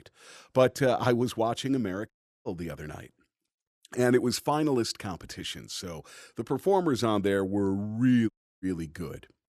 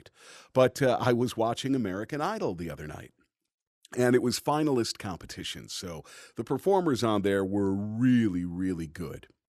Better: second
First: audio cutting out; at 2 s and at 8.5 s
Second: none

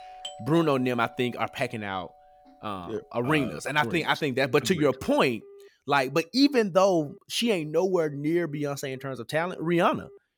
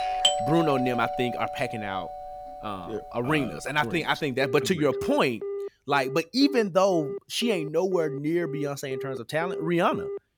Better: first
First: alarms or sirens; faint; throughout; 25 dB below the speech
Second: alarms or sirens; loud; throughout; 7 dB below the speech

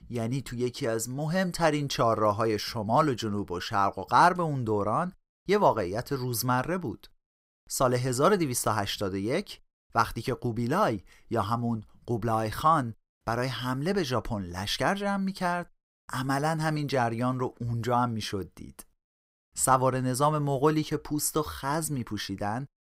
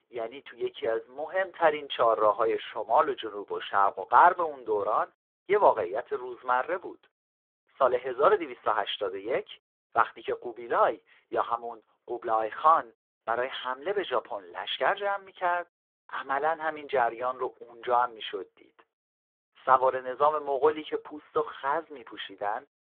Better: first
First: none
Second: phone-call audio; poor line; nothing above 3.5 kHz

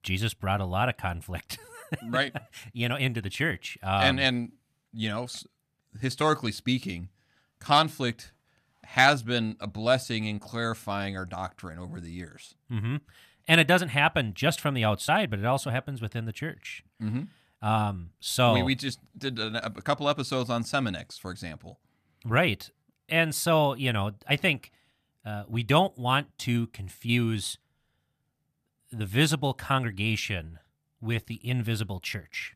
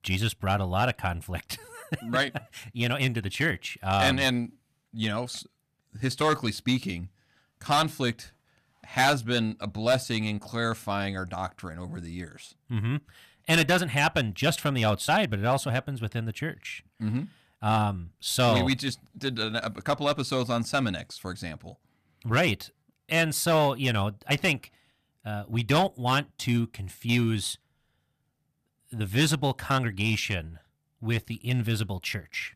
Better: first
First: none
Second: distortion; slight; 2% of the sound clipped

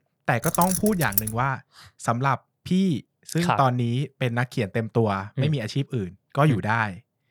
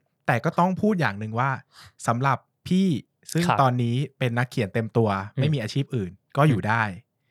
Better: second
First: jangling keys; loud; at 0.5 s; peak level with the speech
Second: none

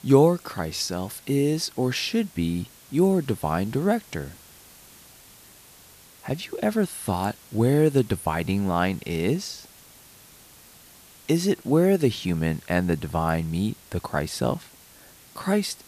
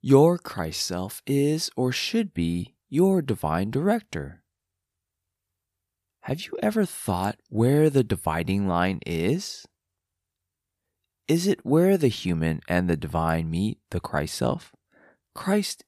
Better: second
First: hiss; faint; throughout; 25 dB below the speech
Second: none

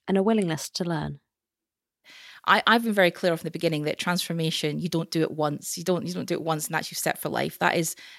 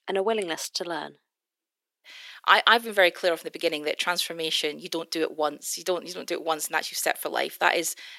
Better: first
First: none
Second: thin; very; fading below 350 Hz

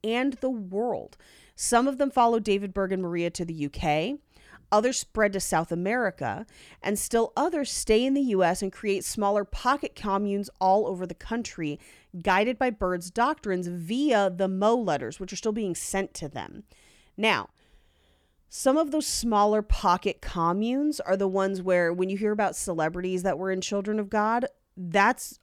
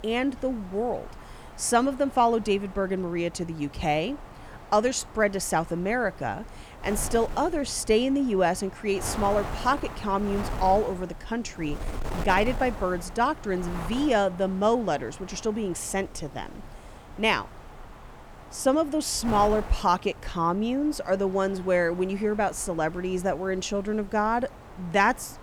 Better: first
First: none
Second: wind noise on the microphone; occasional gusts; 15 dB below the speech

